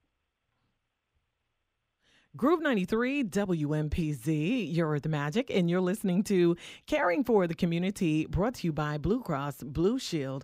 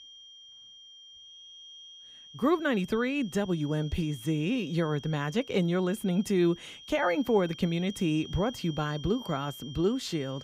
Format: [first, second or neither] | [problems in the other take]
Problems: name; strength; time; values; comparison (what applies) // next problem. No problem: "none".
first | high-pitched whine; noticeable; throughout; 3 kHz, 15 dB below the speech